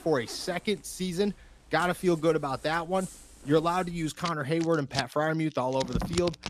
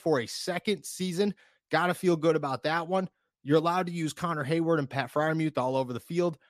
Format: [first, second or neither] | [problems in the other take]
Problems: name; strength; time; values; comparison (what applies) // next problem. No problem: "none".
second | household noises; noticeable; throughout; 10 dB below the speech